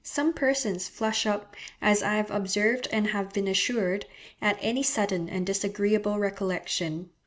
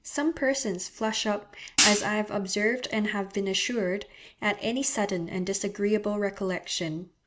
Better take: first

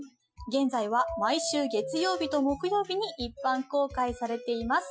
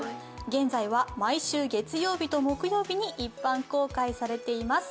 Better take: second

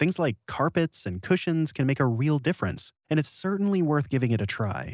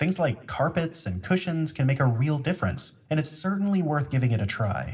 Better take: first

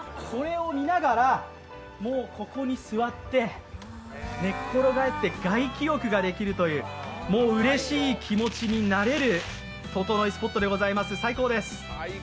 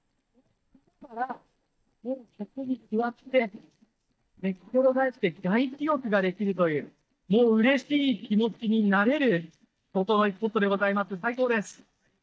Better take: first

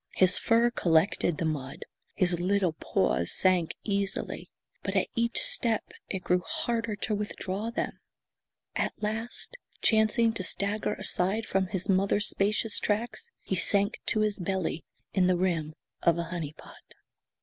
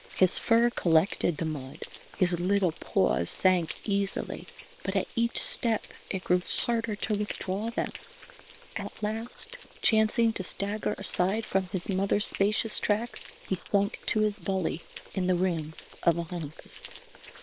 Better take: first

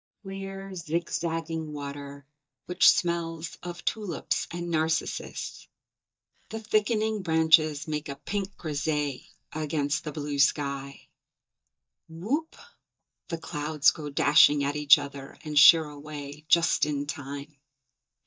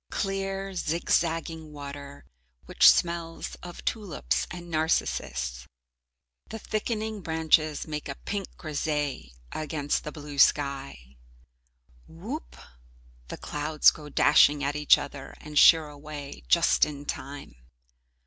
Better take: second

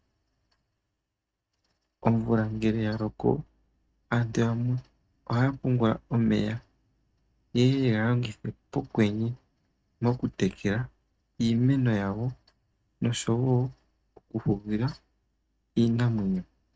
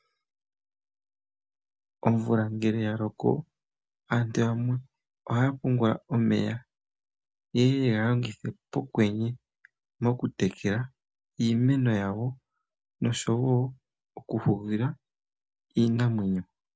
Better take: second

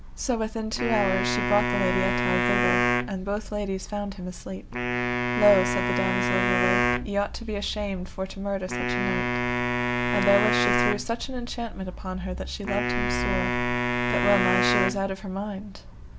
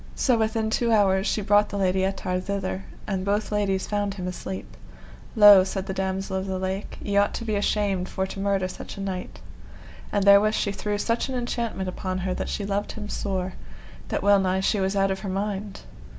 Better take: second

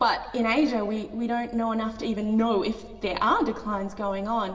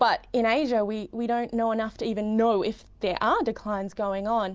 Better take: second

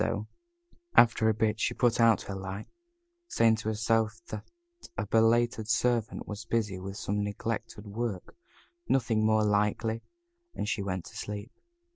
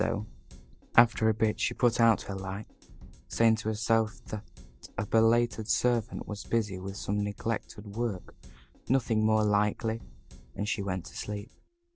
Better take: first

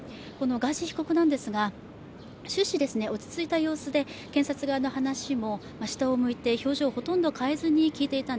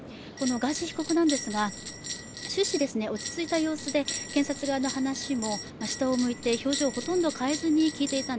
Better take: first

